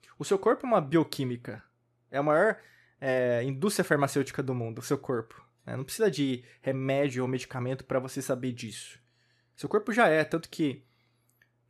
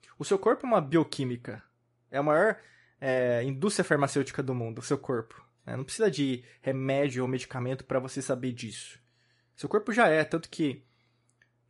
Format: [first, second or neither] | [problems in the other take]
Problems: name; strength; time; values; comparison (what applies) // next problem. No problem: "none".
first | garbled, watery; slightly; nothing above 11 kHz